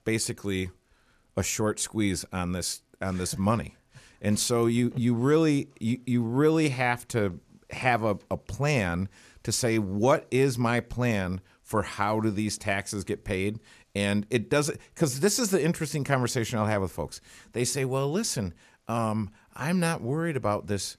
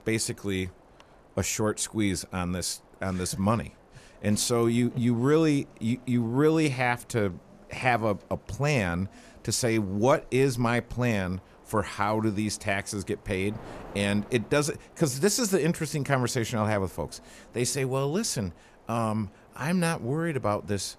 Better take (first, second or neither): first